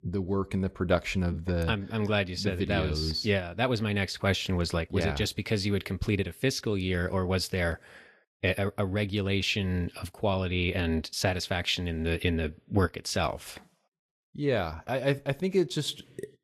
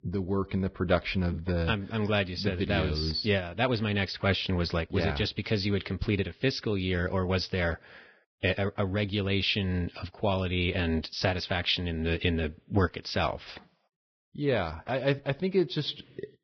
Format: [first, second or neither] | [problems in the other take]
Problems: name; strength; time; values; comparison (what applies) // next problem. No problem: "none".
first | garbled, watery; badly; nothing above 5.5 kHz; slightly in the first